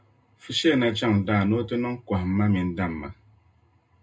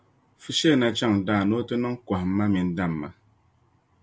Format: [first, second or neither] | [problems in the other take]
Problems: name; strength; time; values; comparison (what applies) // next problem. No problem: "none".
second | room echo; dies away in 0.2 s